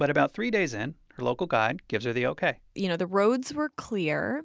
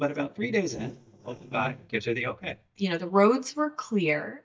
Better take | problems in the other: first | noise reduction (neural mask model DeepFilterNet 3)

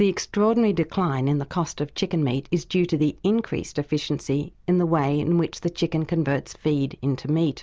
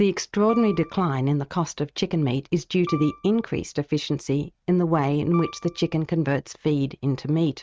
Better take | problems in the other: first | noise reduction (neural mask model RNNoise)

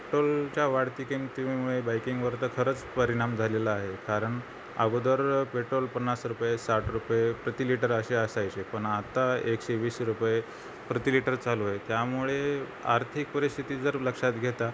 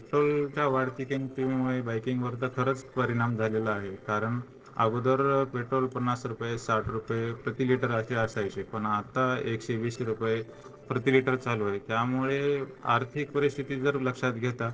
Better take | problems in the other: first | noise reduction (neural separator model SepFormer DNS4)

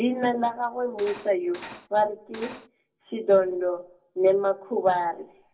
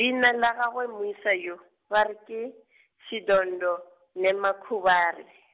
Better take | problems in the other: second | background sound (Cutlery, silverware); 15 dB below the speech // room echo; dies away in 0.4 s

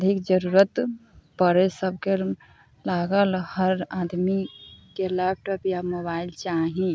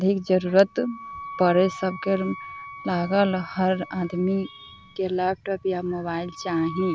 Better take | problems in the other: first | background sound (Wind instrument, woodwind instrument); 16 dB below the speech

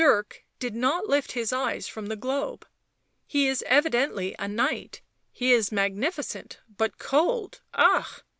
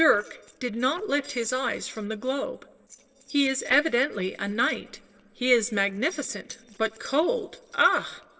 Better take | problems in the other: first | noise reduction (neural separator model SepFormer DNS4)

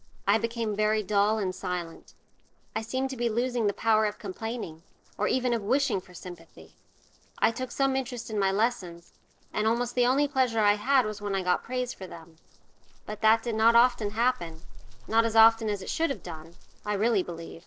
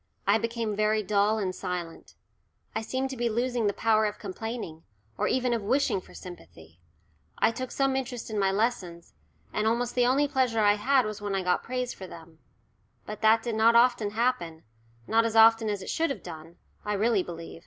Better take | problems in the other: second | noise reduction (neural separator model SepFormer DNS4)

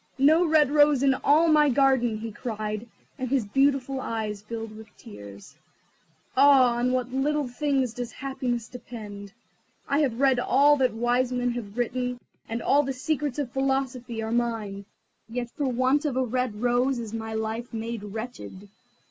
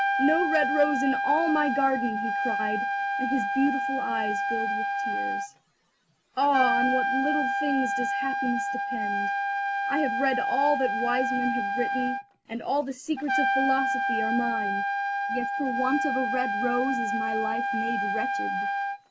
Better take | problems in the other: first | background sound (Trumpet); 2 dB above the speech

